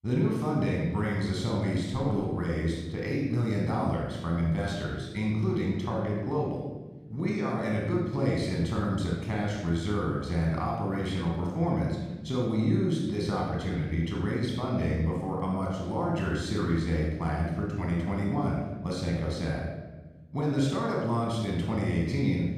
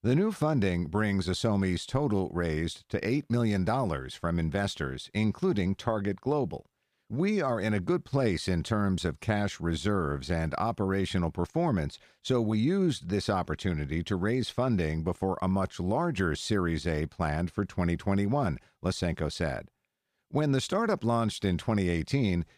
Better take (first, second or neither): second